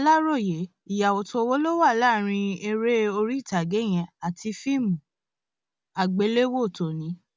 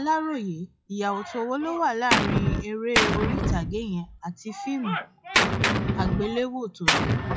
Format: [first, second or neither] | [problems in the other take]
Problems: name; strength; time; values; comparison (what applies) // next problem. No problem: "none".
first | noise reduction (classical method log-MMSE)